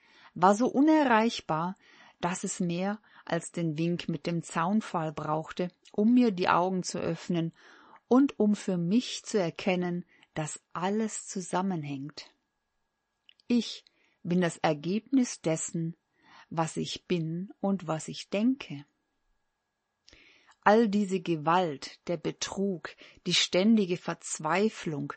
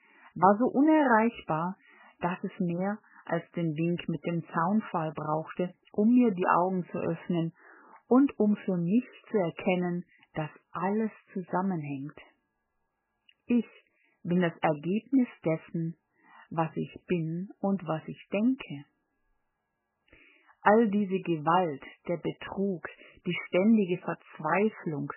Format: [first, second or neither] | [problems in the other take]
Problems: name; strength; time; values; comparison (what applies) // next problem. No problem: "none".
first | garbled, watery; badly; nothing above 3 kHz; slightly in the first